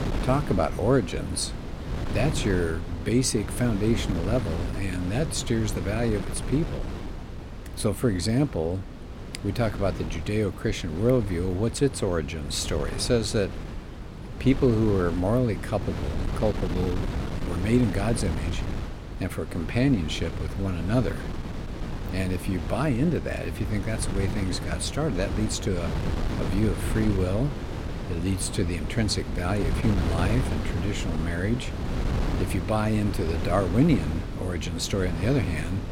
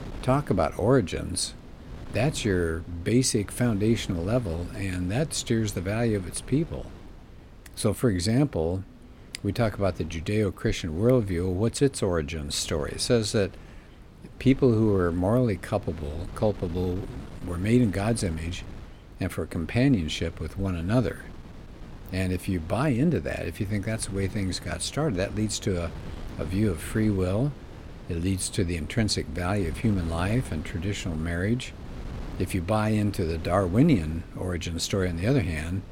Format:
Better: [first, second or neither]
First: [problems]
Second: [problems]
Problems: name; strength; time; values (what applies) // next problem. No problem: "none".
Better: second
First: wind noise on the microphone; heavy; 8 dB below the speech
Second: wind noise on the microphone; occasional gusts; 20 dB below the speech